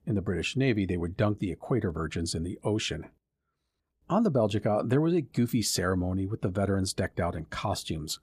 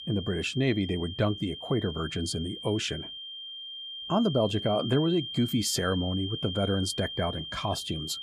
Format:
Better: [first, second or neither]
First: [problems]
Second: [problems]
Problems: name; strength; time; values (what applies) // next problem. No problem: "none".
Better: first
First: none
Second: high-pitched whine; loud; throughout; 3 kHz, 8 dB below the speech